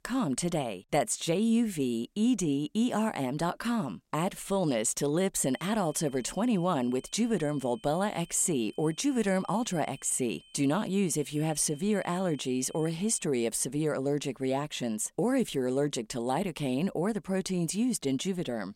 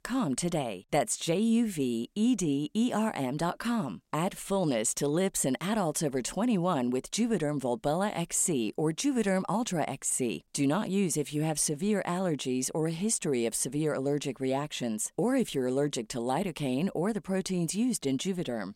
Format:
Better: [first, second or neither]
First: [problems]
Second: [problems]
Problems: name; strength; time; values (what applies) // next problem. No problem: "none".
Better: second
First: high-pitched whine; faint; from 5.5 to 13 s; 3 kHz, 25 dB below the speech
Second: none